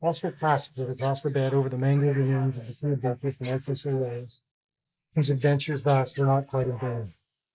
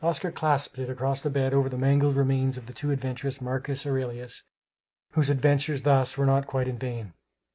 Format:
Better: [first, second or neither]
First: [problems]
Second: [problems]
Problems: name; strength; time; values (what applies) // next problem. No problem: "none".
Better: second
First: noise reduction (neural mask model Resemble Enhance denoiser)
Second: none